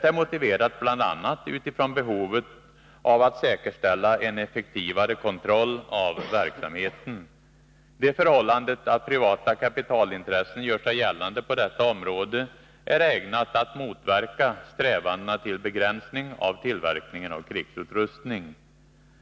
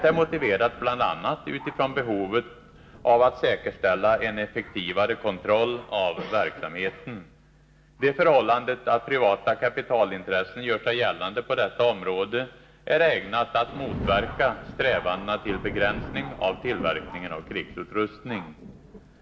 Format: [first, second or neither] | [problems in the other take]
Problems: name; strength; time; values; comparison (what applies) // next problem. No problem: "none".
first | background sound (Thunder); 16 dB below the speech // room echo; dies away in 0.6 s